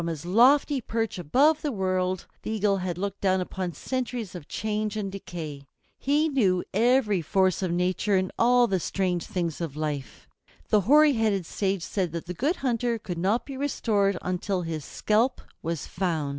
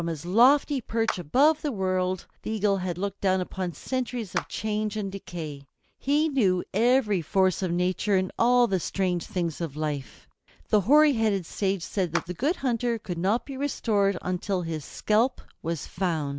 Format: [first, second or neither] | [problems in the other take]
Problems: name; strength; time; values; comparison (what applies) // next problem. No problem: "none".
first | background sound (Clapping); 14 dB below the speech